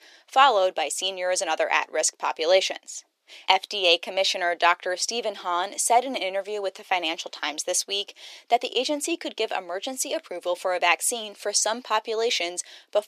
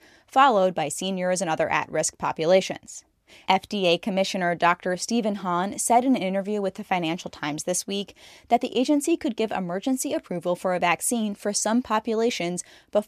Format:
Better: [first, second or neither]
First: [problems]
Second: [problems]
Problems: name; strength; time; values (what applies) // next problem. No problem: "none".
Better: second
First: thin; very; fading below 400 Hz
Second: none